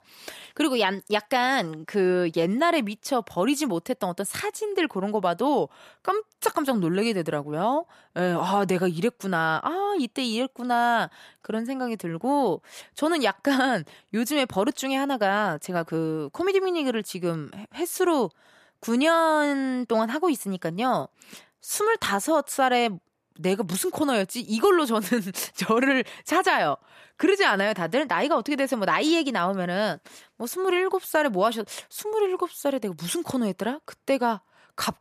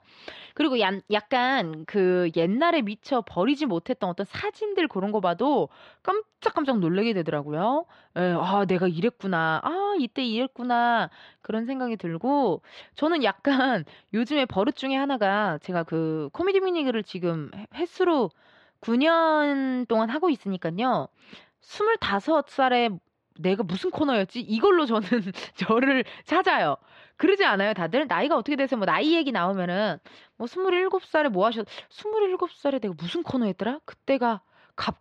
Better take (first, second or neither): first